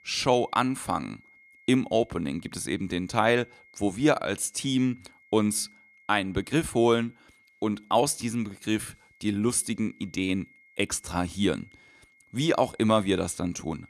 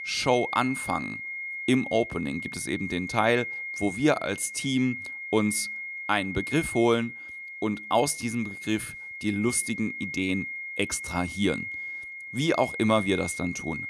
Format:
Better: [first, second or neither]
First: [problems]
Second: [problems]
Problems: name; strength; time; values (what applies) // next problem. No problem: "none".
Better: first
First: high-pitched whine; faint; throughout; 2 kHz, 30 dB below the speech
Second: high-pitched whine; loud; throughout; 2 kHz, 7 dB below the speech